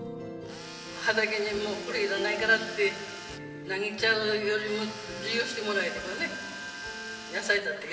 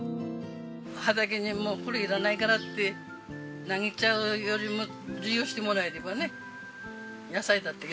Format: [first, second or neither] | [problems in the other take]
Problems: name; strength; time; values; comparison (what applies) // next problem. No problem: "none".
second | background sound (Tools); 13 dB below the speech // room echo; dies away in 2.3 s